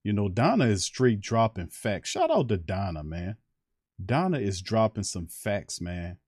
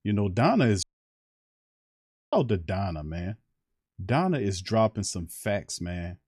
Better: first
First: none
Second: audio cutting out; at 1 s for 1.5 s

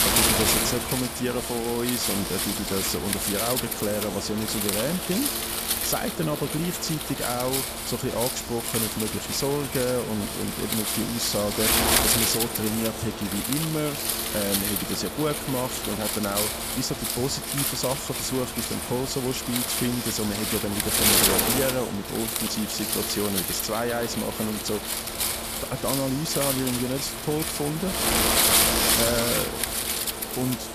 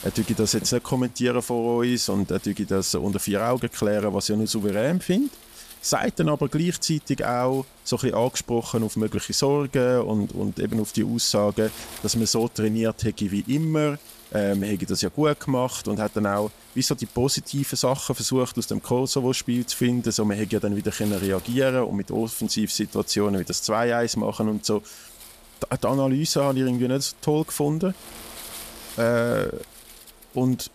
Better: second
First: wind noise on the microphone; heavy; 4 dB above the speech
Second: wind noise on the microphone; occasional gusts; 20 dB below the speech

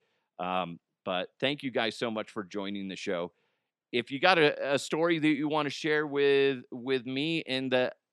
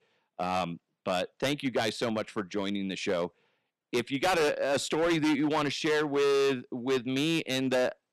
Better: first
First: none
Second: distortion; heavy; 12% of the sound clipped

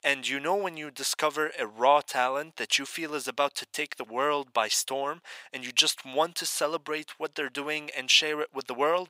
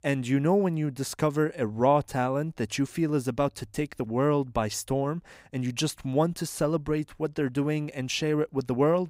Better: second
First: thin; very; fading below 750 Hz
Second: none

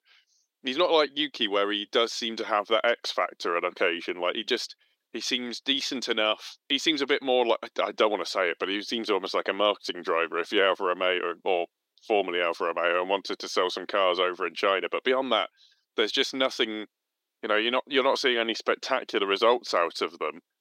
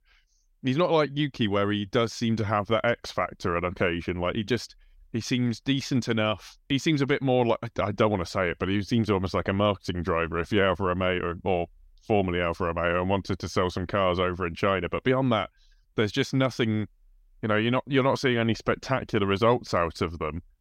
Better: second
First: thin; somewhat; fading below 300 Hz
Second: none

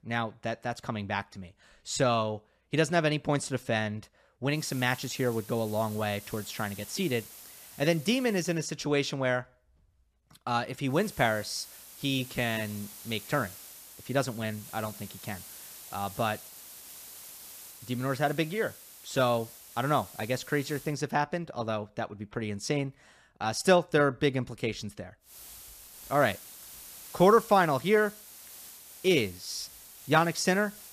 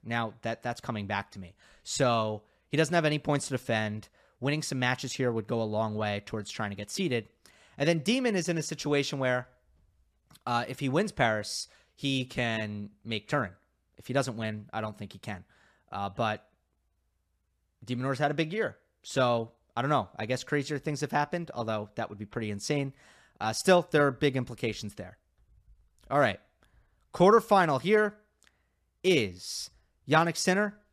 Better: second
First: hiss; noticeable; from 4.5 to 8.5 s, from 11 to 21 s and from 25 s on; 15 dB below the speech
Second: none

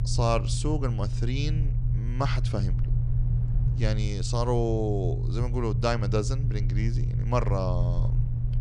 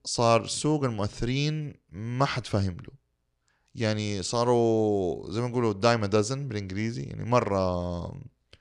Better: second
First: low rumble; loud; throughout; 10 dB below the speech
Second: none

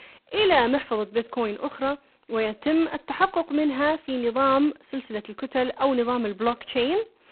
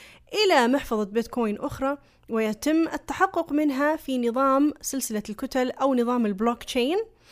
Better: second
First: phone-call audio; poor line; nothing above 4 kHz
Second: none

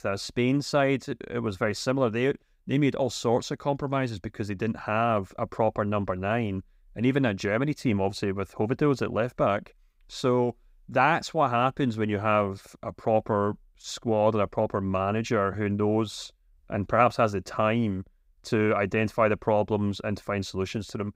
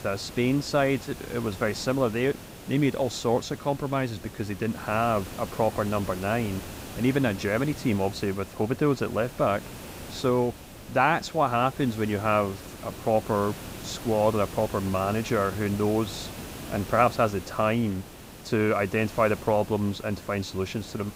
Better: first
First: none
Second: hiss; noticeable; throughout; 15 dB below the speech

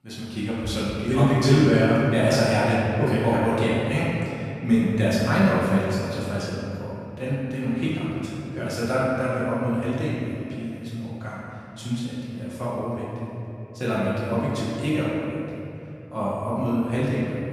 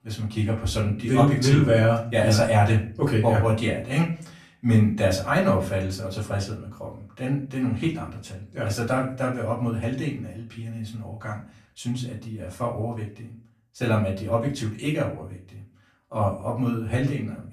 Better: second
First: room echo; strong; dies away in 2.7 s // off-mic speech; far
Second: room echo; slight; dies away in 0.4 s // off-mic speech; far

